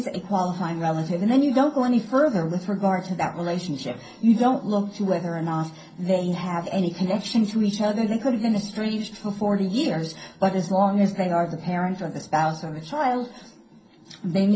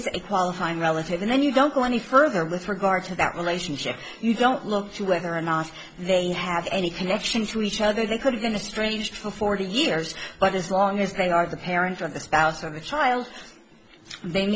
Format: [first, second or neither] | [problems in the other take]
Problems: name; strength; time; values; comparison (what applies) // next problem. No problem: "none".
second | room echo; dies away in 0.3 s